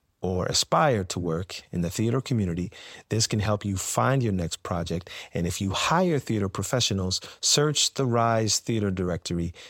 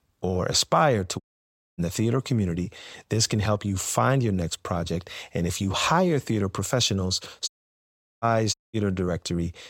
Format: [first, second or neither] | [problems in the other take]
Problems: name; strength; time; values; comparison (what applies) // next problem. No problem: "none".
first | audio cutting out; at 1 s for 0.5 s, at 7.5 s for 0.5 s and at 8.5 s